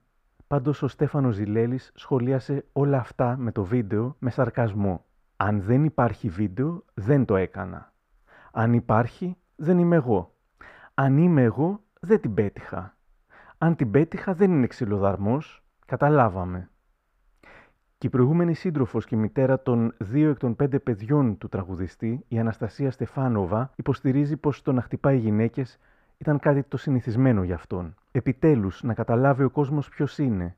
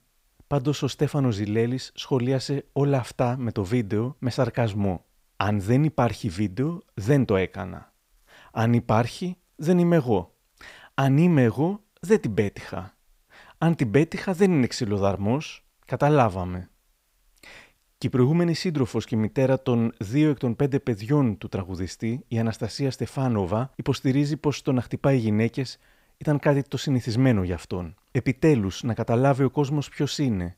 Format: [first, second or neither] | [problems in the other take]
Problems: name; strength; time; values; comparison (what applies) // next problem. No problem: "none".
second | muffled; very; fading above 2.5 kHz